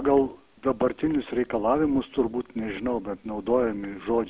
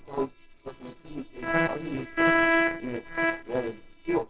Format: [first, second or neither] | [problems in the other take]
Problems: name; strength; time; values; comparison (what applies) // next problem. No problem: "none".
first | noise reduction (neural separator model SepFormer WHAMR!)